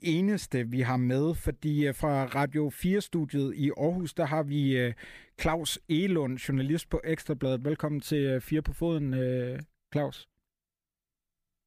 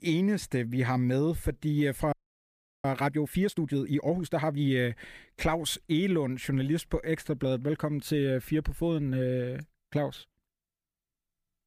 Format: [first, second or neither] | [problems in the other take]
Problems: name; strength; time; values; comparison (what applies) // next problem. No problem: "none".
first | audio freezing; at 2 s for 0.5 s